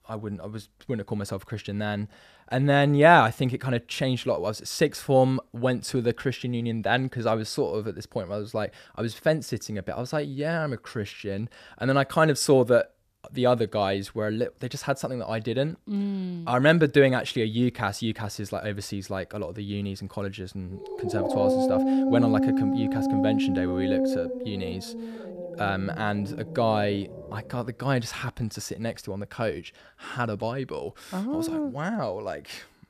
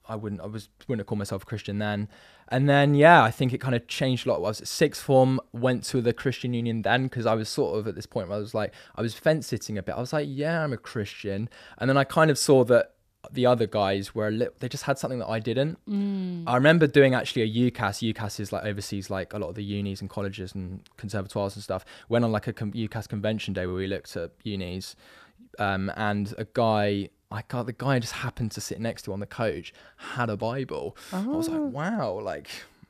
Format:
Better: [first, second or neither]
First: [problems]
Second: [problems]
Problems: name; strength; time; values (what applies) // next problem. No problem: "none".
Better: second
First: dog barking; loud; from 21 to 27 s; peak 4 dB above the speech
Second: none